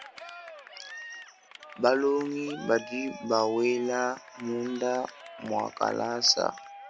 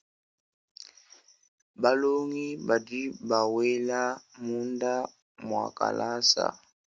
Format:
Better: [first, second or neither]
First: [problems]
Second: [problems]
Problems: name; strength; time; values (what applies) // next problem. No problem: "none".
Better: second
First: background sound (Cheering); 16 dB below the speech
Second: none